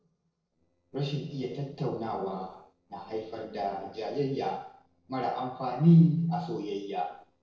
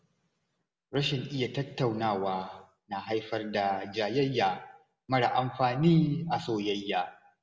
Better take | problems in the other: second | noise reduction (neural separator model SepFormer DNS4)

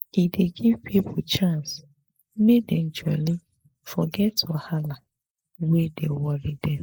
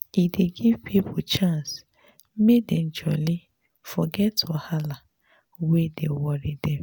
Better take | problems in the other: second | noise reduction (neural mask model Resemble Enhance denoiser)

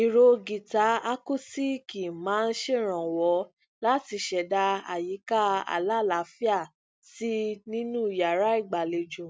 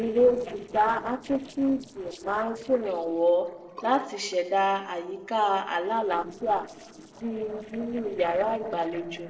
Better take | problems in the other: first | noise reduction (neural separator model SepFormer DNS4)

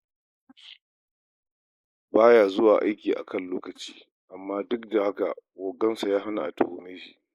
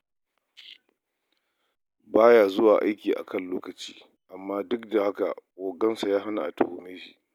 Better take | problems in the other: second | noise reduction (neural mask model Resemble Enhance denoiser)

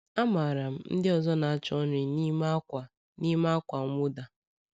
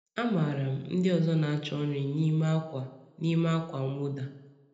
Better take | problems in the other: first | room echo; dies away in 0.7 s

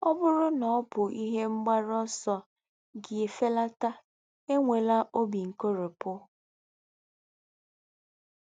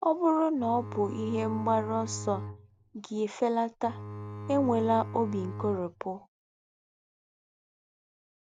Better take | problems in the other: first | background sound (Bowed string instrument); 9 dB below the speech

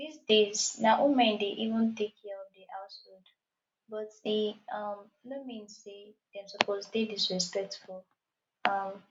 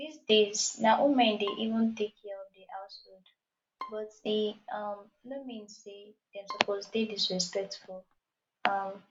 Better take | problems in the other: first | background sound (Bowed string instrument); 19 dB below the speech

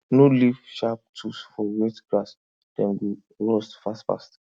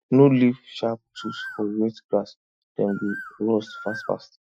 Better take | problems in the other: first | noise reduction (classical method Wiener filter)

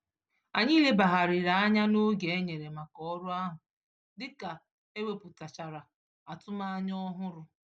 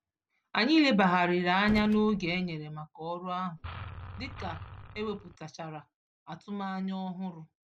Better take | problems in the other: first | background sound (Gunshot, gunfire + Engine); 13 dB below the speech

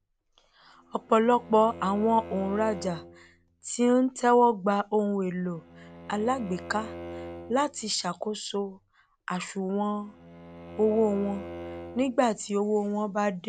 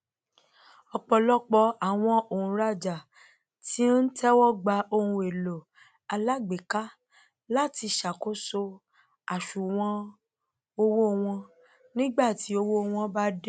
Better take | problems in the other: second | background sound (Bowed string instrument); 17 dB below the speech

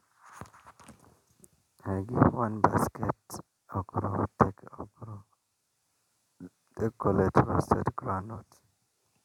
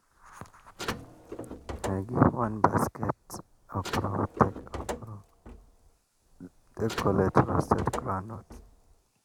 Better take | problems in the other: first | background sound (Car); 11 dB below the speech

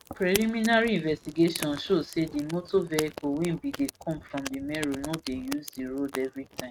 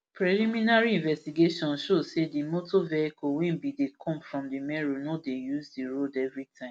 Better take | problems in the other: second | noise reduction (neural mask model RNNoise)

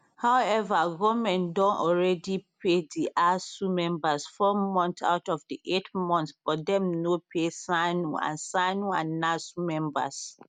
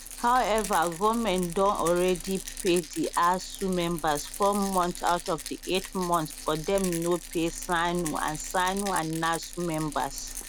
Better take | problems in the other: first | background sound (Rattle); 12 dB below the speech

